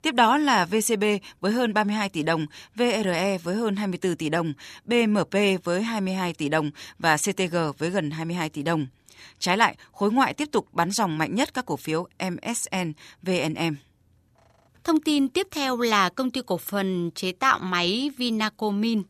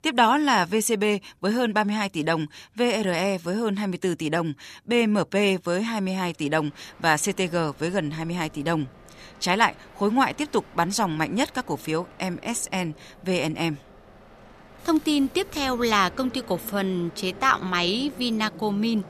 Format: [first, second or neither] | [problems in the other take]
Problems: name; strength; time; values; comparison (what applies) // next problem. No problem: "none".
first | train or aircraft noise; faint; from 6.5 s on; 20 dB below the speech